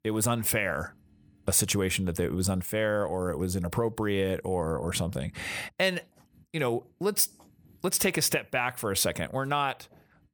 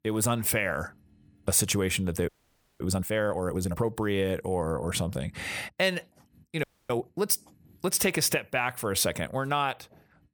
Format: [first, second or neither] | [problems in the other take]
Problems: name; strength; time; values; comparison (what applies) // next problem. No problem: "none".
first | audio freezing; at 2.5 s for 0.5 s and at 6.5 s